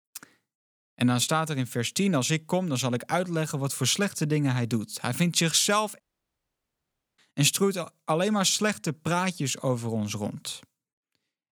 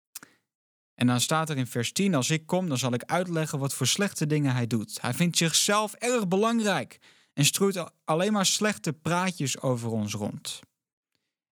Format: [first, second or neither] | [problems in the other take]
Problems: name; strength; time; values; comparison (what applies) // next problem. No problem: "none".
second | audio cutting out; at 6 s for 1 s